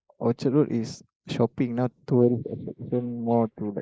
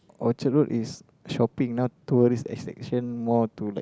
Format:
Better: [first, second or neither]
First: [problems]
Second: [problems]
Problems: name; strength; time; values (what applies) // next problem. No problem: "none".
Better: second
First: noise reduction (neural mask model Resemble Enhance denoiser)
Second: none